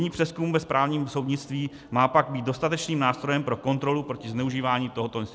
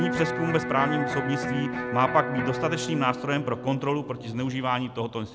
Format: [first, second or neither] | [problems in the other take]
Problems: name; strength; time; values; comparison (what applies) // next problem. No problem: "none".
first | background sound (Electric guitar); 4 dB below the speech